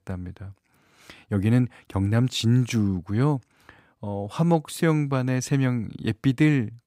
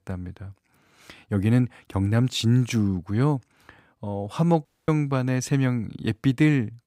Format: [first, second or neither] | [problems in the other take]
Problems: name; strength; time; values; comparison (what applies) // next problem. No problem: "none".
first | audio cutting out; at 4.5 s